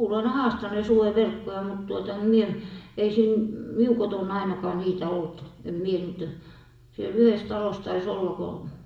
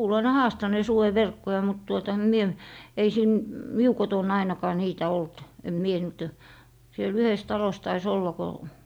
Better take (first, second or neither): second